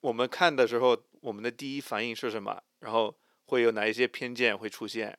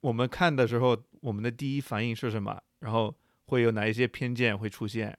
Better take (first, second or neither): second